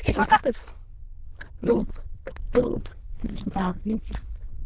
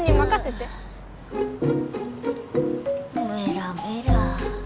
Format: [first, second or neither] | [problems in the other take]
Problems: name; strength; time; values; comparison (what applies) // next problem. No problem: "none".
second | noise reduction (neural diffusion model UNIVERSE++)